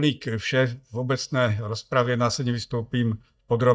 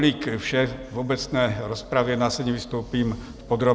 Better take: second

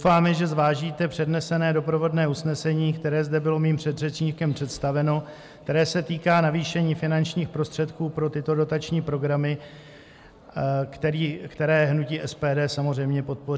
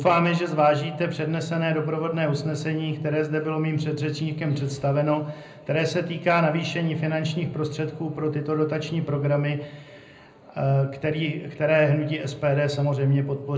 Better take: first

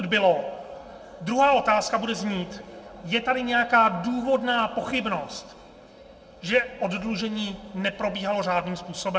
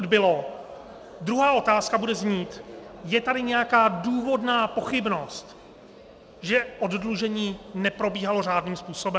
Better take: second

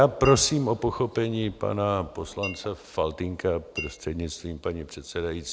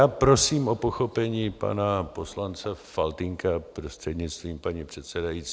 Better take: second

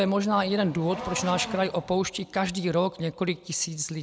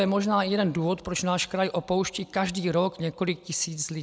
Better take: second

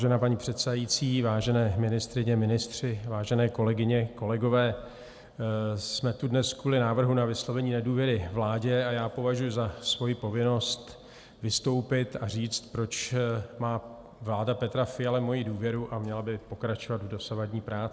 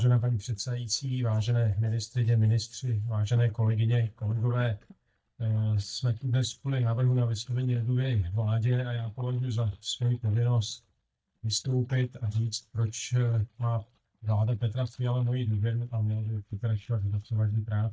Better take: first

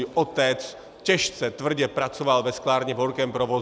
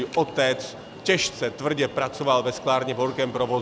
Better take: first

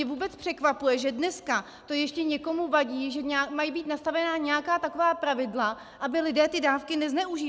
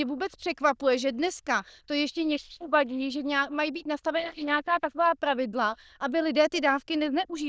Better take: first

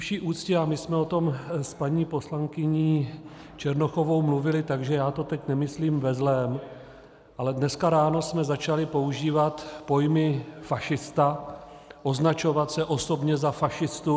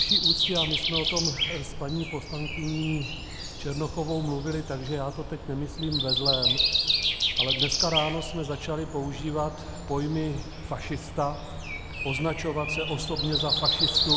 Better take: first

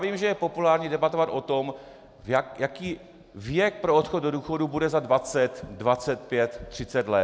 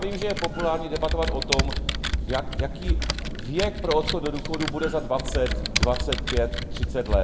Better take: first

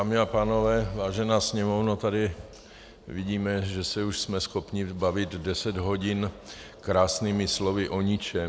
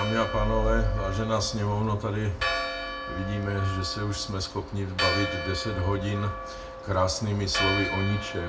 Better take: first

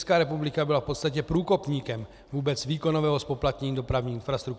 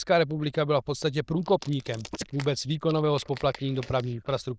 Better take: first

